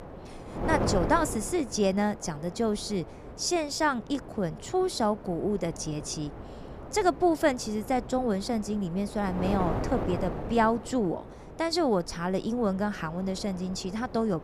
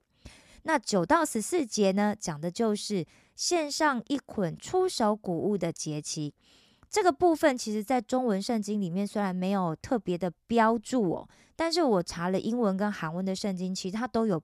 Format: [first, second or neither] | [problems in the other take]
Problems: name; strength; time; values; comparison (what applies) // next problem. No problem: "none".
second | wind noise on the microphone; occasional gusts; 10 dB below the speech